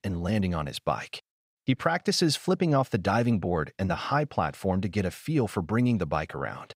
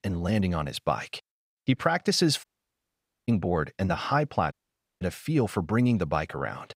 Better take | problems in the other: first | audio cutting out; at 2.5 s for 1 s and at 4.5 s

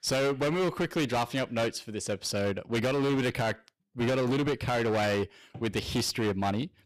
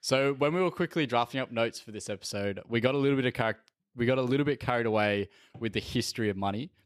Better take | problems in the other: second | distortion; heavy; 24% of the sound clipped

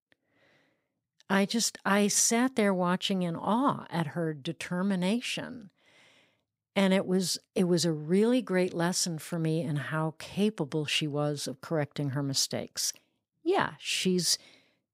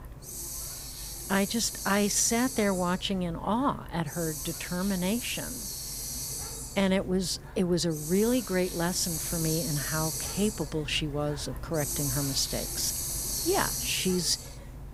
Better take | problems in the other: first | hiss; loud; throughout; 4 dB below the speech

